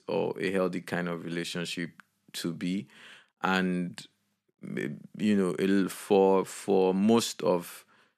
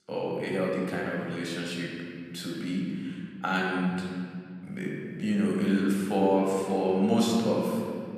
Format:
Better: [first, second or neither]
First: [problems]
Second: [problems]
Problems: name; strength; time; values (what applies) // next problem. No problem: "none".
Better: first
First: none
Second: room echo; noticeable; dies away in 2.7 s // off-mic speech; somewhat distant